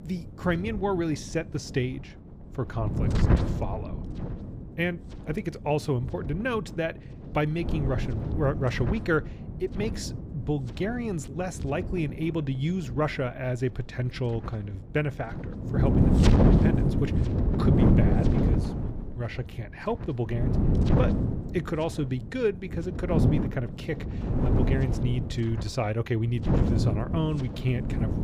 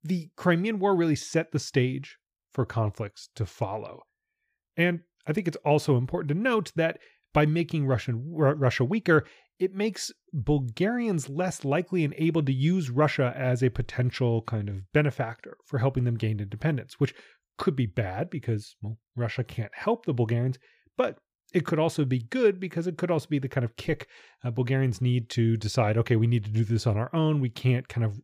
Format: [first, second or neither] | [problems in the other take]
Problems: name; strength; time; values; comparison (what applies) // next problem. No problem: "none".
second | wind noise on the microphone; heavy; 2 dB below the speech